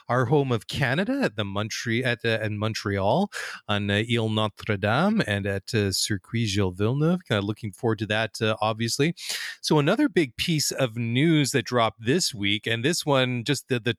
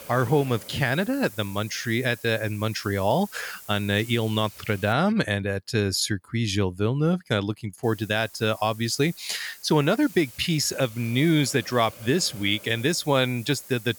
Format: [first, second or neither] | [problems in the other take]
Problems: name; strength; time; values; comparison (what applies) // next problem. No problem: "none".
first | hiss; noticeable; until 5 s and from 8 s on; 20 dB below the speech